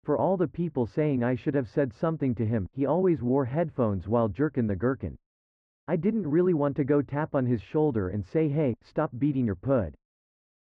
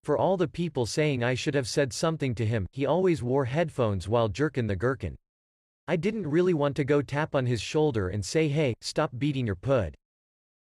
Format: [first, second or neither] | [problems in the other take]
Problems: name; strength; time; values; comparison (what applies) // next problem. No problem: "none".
second | muffled; very; fading above 1 kHz